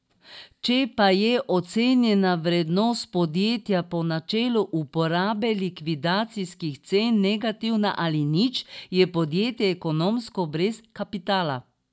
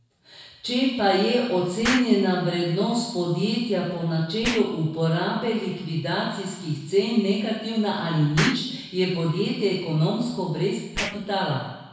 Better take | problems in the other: first | background sound (Explosion); 14 dB below the speech // room echo; dies away in 1 s

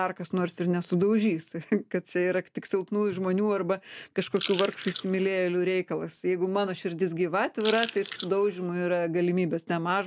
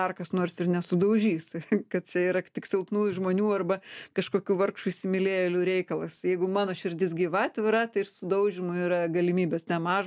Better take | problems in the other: second | background sound (Chewing, mastication / Crushing); 11 dB below the speech

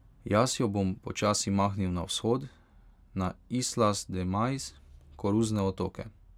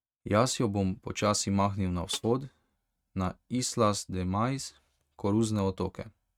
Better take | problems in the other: first | noise reduction (neural mask model RNNoise)

